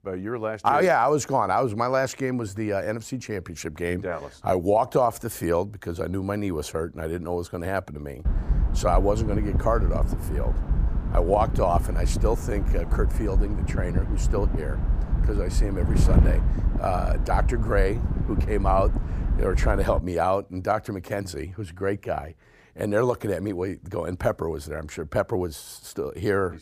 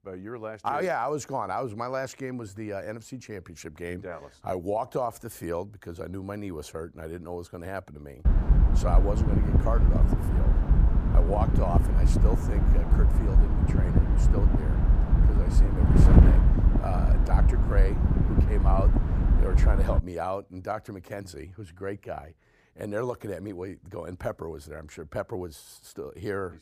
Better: first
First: wind noise on the microphone; occasional gusts; from 8.5 to 20 s; 15 dB below the speech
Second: wind noise on the microphone; heavy; from 8.5 to 20 s; 2 dB below the speech

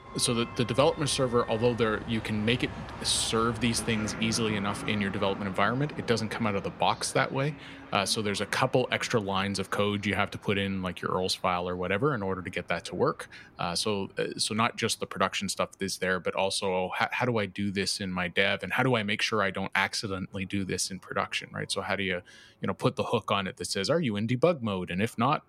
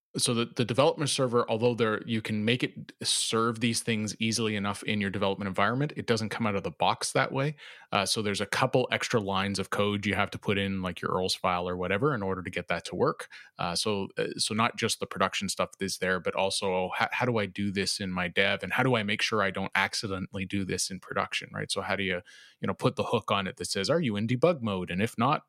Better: second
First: train or aircraft noise; noticeable; throughout; 15 dB below the speech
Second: none

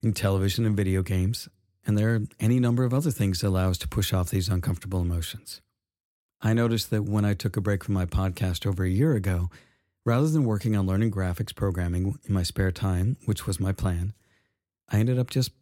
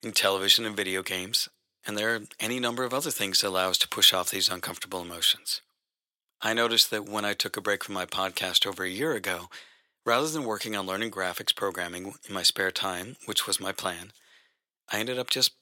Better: first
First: none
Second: thin; very; fading below 600 Hz

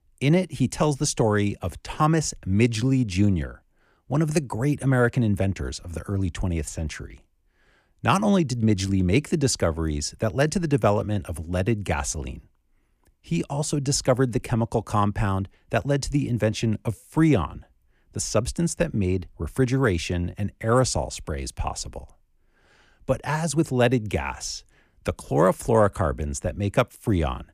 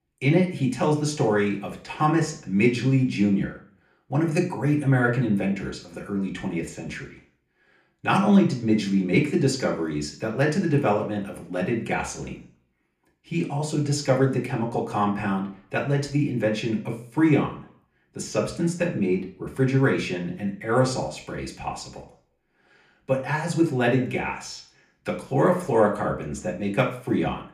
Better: first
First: none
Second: room echo; slight; dies away in 0.4 s // off-mic speech; far

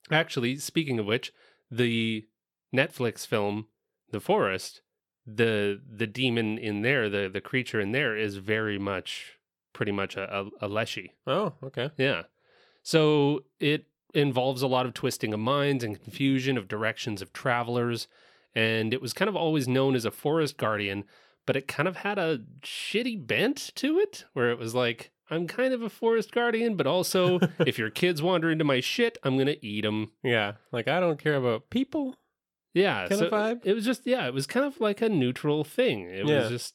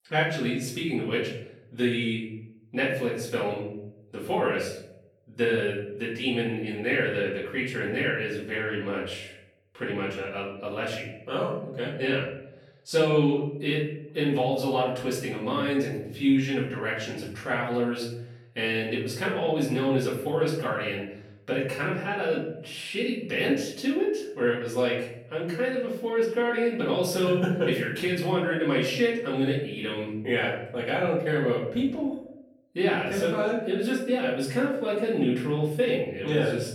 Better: first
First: none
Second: off-mic speech; far // room echo; noticeable; dies away in 0.6 s

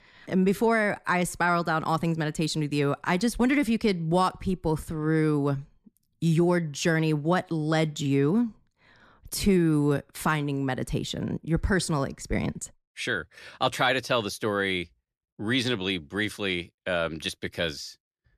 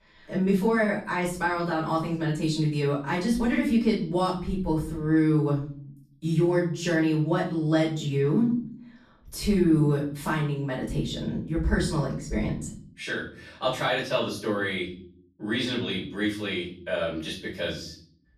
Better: first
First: none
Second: off-mic speech; far // room echo; noticeable; dies away in 0.5 s

